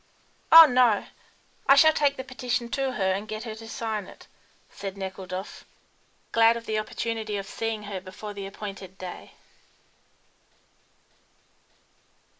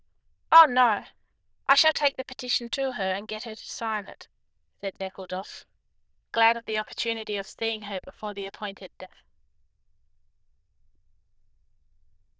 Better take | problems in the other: first | noise reduction (neural diffusion model UNIVERSE++)

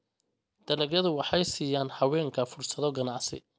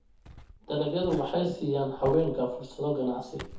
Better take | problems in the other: first | background sound (Walk, footsteps); 16 dB below the speech // room echo; dies away in 0.5 s

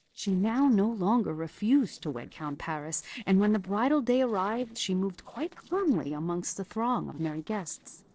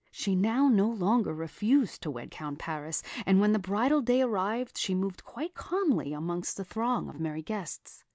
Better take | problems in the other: second | noise reduction (neural separator model SepFormer DNS4)

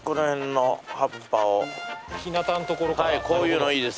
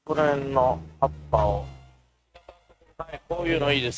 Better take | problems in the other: first | noise reduction (neural mask model RNNoise)

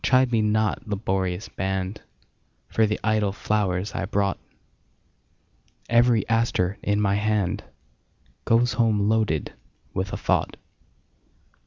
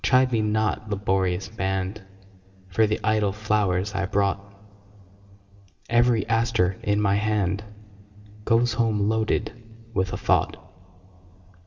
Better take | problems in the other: first | room echo; dies away in 2.2 s

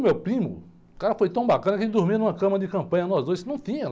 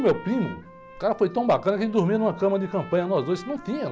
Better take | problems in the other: first | background sound (Trumpet); 19 dB below the speech

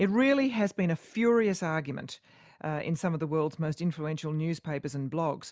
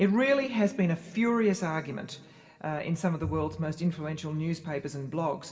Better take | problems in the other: first | background sound (Bowed string instrument); 19 dB below the speech // room echo; dies away in 1.3 s

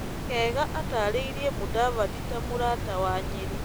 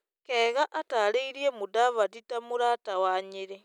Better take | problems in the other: second | background sound (Water); 2 dB below the speech

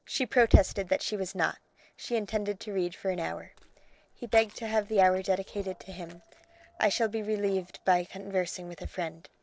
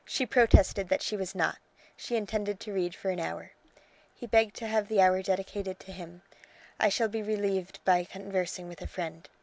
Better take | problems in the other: second | noise reduction (neural separator model SepFormer DNS4)

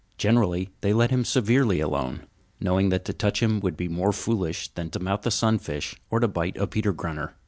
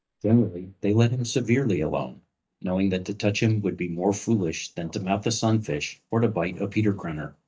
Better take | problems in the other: first | noise reduction (neural mask model DeepFilterNet 3)

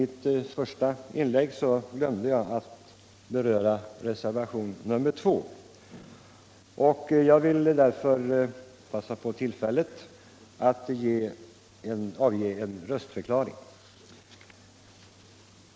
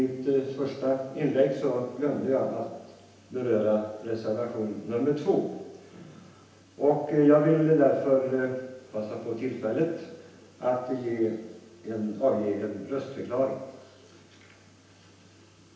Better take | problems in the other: first | room echo; dies away in 0.9 s

